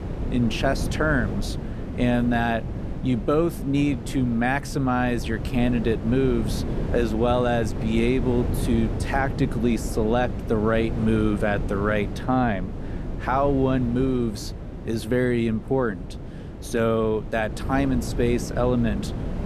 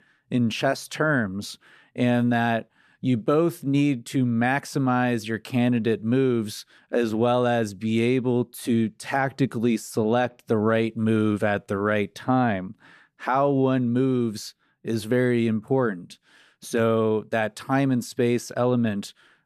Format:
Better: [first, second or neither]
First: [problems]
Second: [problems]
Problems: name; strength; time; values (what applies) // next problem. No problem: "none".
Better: second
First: wind noise on the microphone; occasional gusts; 10 dB below the speech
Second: none